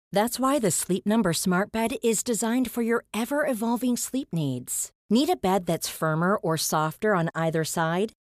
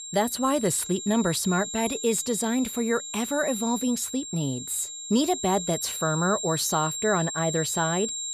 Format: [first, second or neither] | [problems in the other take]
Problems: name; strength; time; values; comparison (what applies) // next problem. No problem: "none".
first | high-pitched whine; loud; throughout; 7.5 kHz, 6 dB below the speech